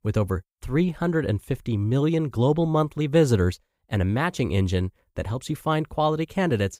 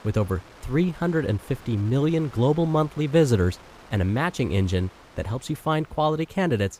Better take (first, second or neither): first